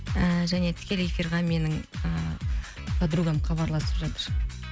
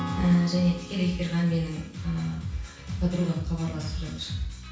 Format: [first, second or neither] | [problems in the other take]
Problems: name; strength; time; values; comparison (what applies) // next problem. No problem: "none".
first | background sound (Acoustic guitar / Strum); 15 dB below the speech // room echo; dies away in 0.7 s